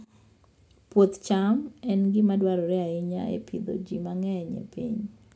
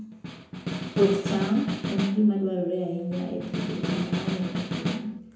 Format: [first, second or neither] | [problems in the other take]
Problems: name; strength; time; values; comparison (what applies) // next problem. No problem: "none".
first | background sound (Snare drum); 4 dB below the speech // room echo; dies away in 0.9 s